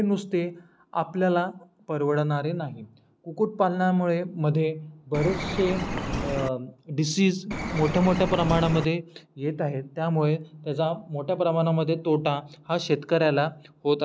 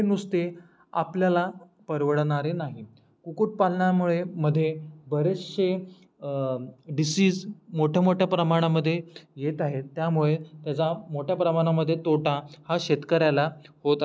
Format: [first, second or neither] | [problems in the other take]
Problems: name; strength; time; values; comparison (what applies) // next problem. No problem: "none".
second | background sound (Bird); 4 dB below the speech